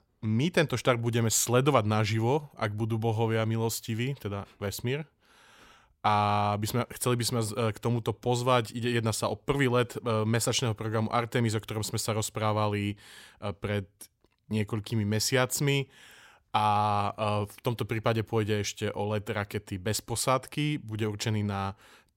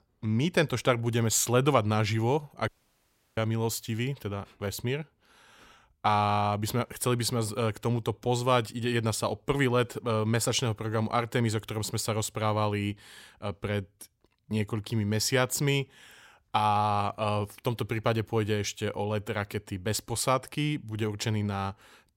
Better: first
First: none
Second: audio cutting out; at 2.5 s for 0.5 s

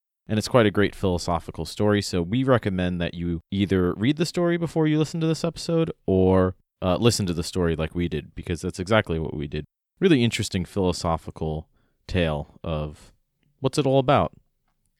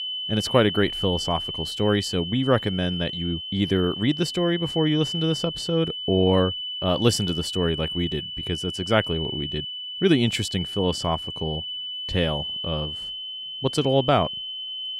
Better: first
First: none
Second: high-pitched whine; loud; throughout; 3 kHz, 5 dB below the speech

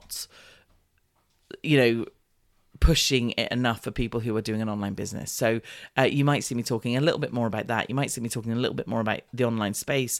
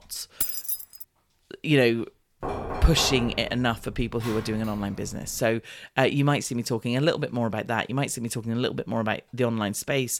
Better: first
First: none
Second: jangling keys; loud; at 0.5 s; peak 1 dB above the speech // door banging; noticeable; from 2.5 to 5.5 s; peak 5 dB below the speech

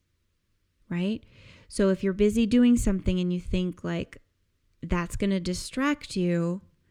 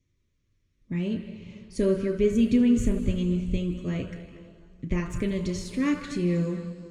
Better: first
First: none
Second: room echo; noticeable; dies away in 2 s // off-mic speech; somewhat distant

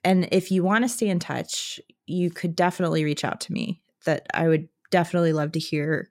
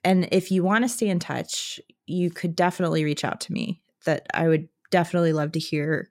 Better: neither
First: none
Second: none

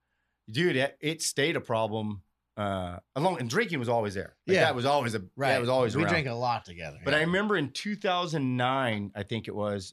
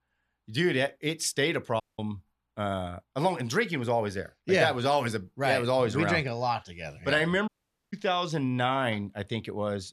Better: first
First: none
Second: audio cutting out; at 2 s and at 7.5 s

